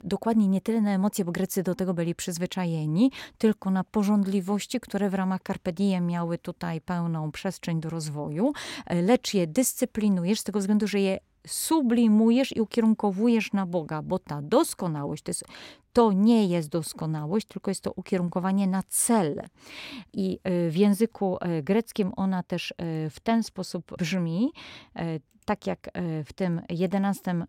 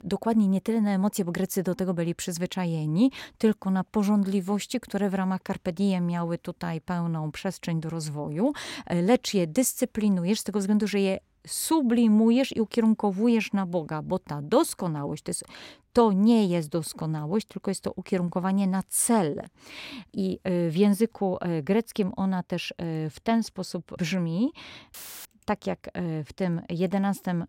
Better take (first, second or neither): first